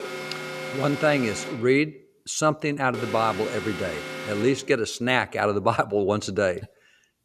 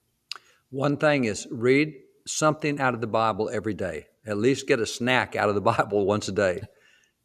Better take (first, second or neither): second